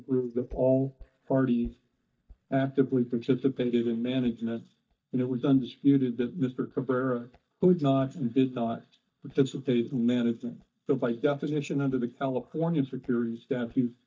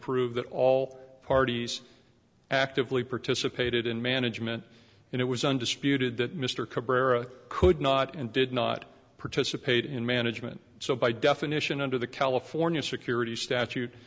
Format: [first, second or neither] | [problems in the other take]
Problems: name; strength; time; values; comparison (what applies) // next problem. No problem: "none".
second | noise reduction (neural mask model DeepFilterNet 3)